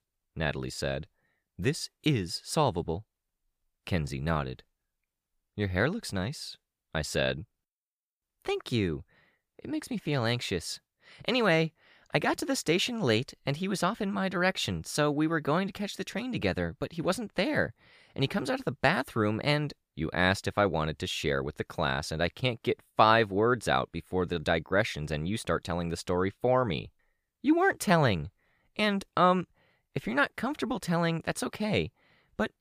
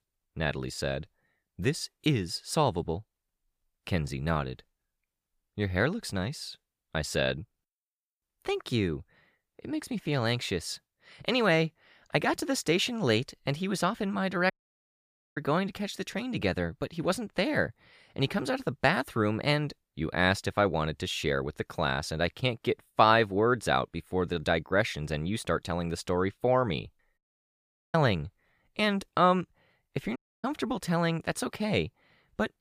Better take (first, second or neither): first